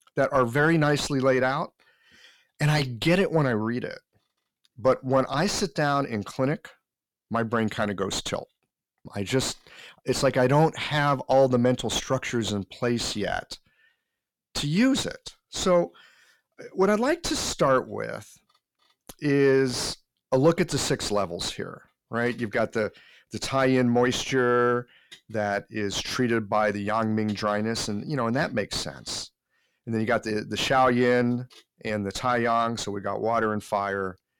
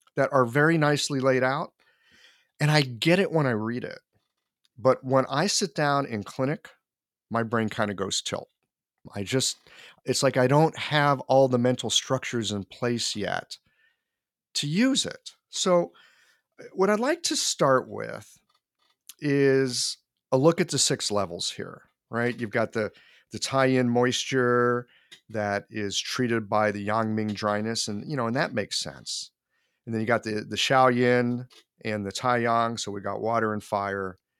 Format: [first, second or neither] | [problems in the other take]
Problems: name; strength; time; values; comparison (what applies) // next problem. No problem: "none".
second | distortion; slight; 9 dB below the speech